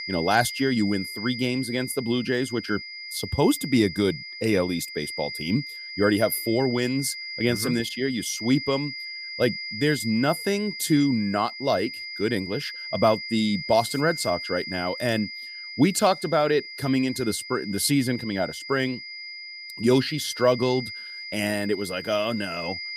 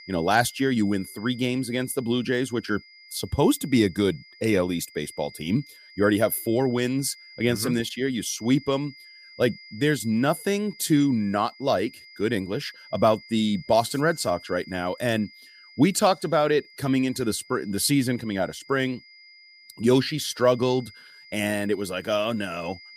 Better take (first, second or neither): second